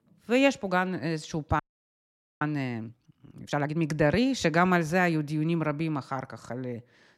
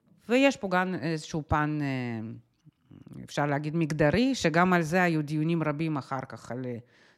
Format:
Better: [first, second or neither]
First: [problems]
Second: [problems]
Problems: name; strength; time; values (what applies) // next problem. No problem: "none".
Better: second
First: audio freezing; at 1.5 s for 1 s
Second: none